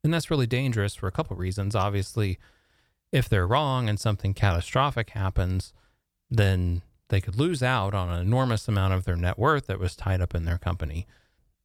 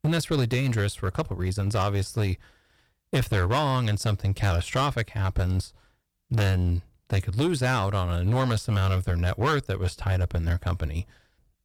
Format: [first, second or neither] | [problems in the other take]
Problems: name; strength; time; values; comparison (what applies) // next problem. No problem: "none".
first | distortion; slight; 10% of the sound clipped